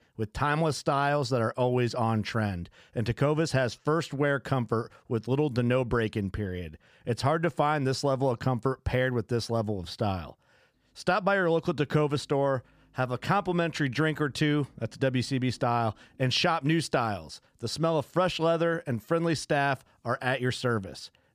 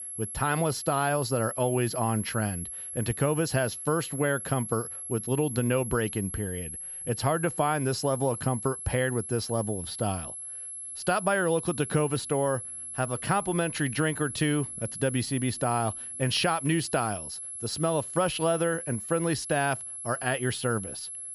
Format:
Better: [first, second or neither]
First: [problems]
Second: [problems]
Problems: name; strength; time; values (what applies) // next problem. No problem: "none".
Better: first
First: none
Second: high-pitched whine; loud; throughout; 11 kHz, 7 dB below the speech